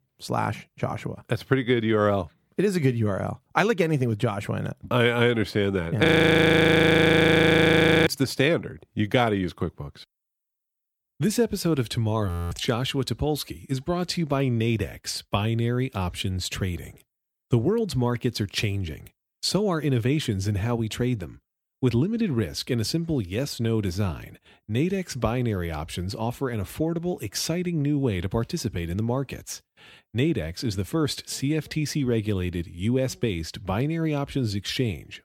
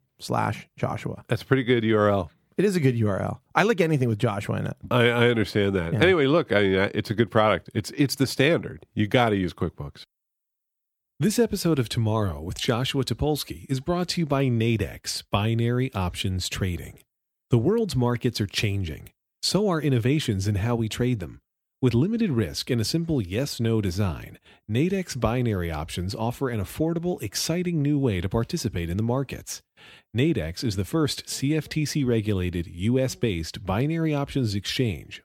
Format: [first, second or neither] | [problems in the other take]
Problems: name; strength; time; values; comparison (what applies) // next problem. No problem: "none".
second | audio freezing; at 6 s for 2 s and at 12 s